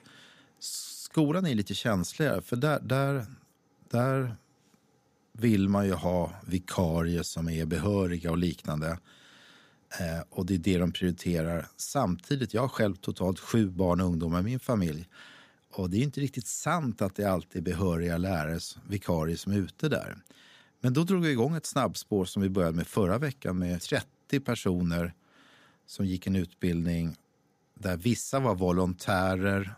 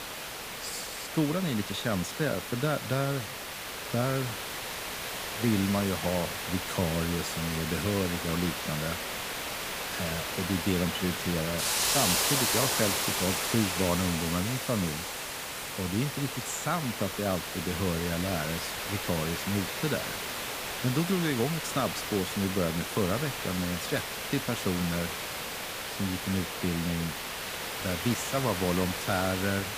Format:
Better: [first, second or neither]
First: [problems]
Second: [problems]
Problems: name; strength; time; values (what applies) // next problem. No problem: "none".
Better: first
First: none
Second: hiss; loud; throughout; 1 dB below the speech